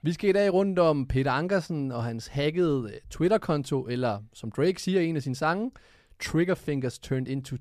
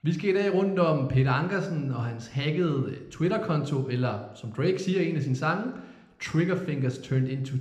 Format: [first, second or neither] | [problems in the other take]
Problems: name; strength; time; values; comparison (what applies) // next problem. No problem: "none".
first | room echo; slight; dies away in 0.8 s